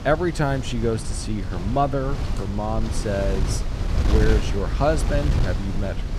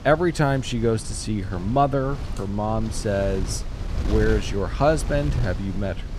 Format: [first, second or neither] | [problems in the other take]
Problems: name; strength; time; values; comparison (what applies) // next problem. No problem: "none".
second | wind noise on the microphone; heavy; 8 dB below the speech; occasional gusts in the second